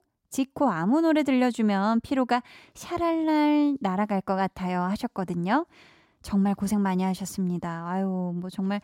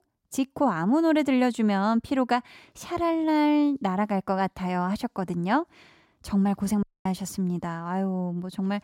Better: first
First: none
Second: audio cutting out; at 7 s

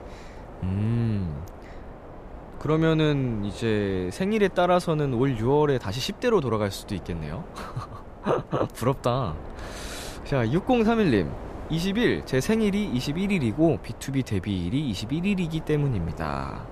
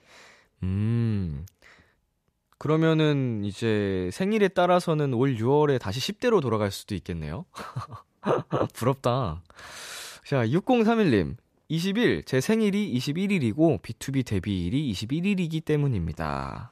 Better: second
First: wind noise on the microphone; occasional gusts; 15 dB below the speech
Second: none

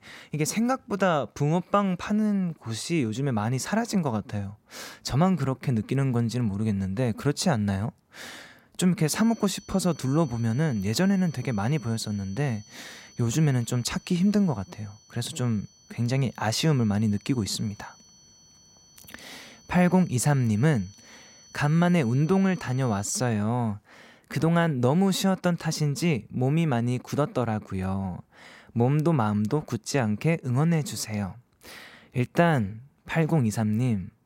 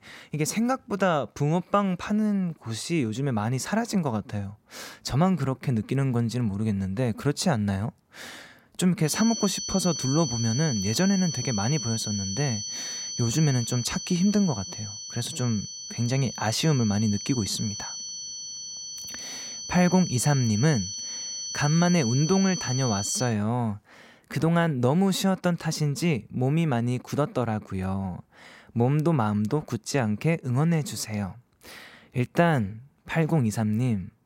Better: first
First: high-pitched whine; faint; from 9 to 23 s; 6 kHz, 25 dB below the speech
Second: high-pitched whine; loud; from 9 to 23 s; 6 kHz, 6 dB below the speech

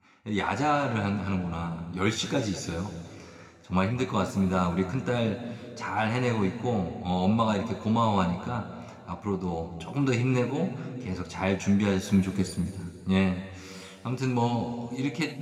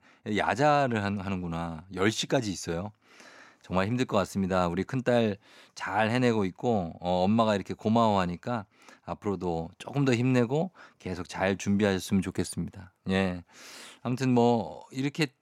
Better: second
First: room echo; noticeable; dies away in 2.1 s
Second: none

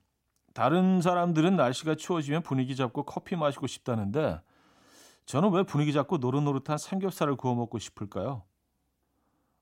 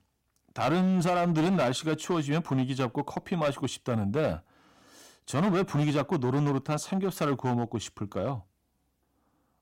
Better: first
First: none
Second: distortion; slight; 10% of the sound clipped

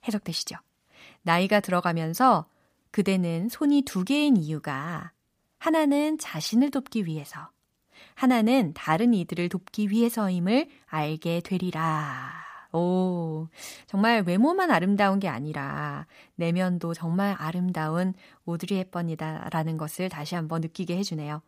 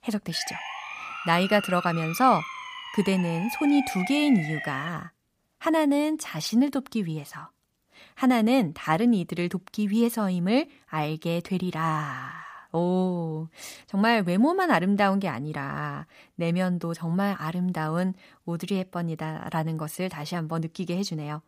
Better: first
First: none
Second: siren; noticeable; until 5 s; peak 6 dB below the speech

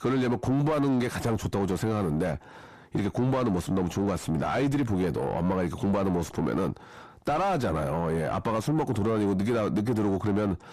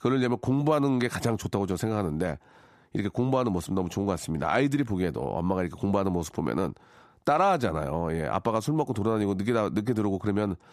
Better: second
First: distortion; heavy; 8 dB below the speech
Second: none

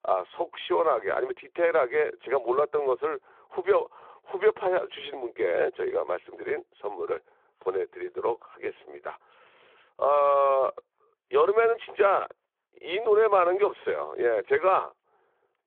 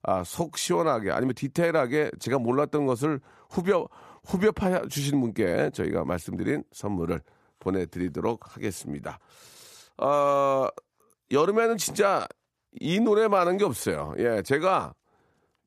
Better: second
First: phone-call audio; nothing above 3.5 kHz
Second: none

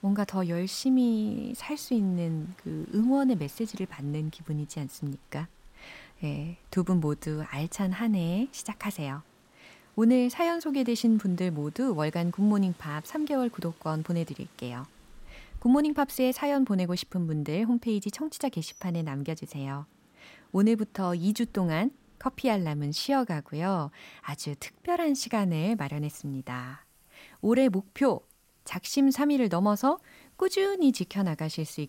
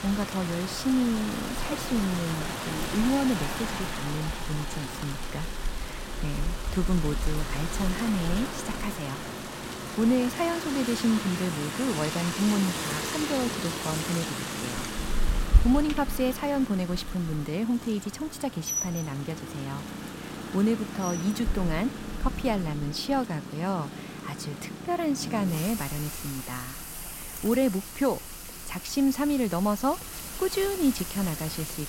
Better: first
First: rain or running water; faint; throughout; 30 dB below the speech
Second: rain or running water; loud; throughout; 5 dB below the speech

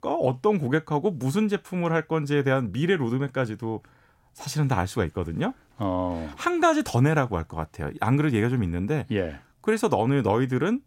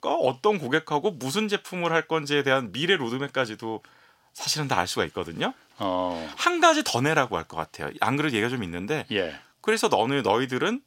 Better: first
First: none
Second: thin; somewhat; fading below 600 Hz

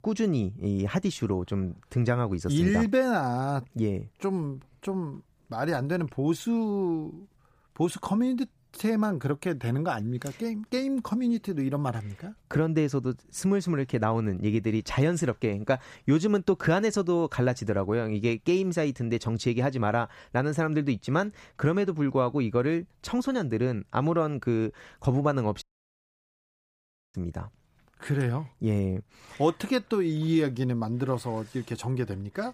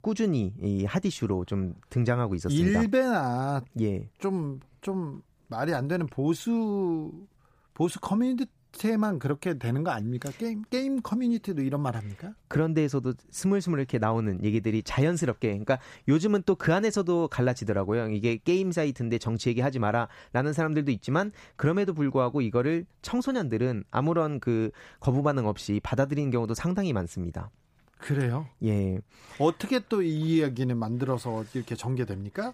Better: second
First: audio cutting out; at 26 s for 1.5 s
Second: none

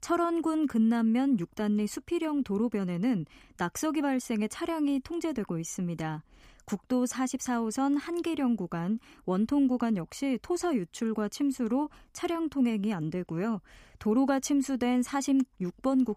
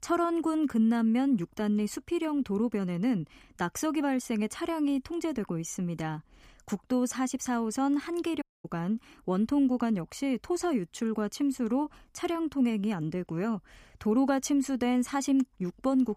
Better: first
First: none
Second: audio cutting out; at 8.5 s

